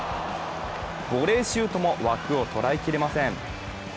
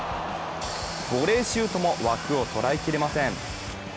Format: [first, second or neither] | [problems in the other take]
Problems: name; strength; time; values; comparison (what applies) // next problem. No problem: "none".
first | background sound (Hiss); 14 dB below the speech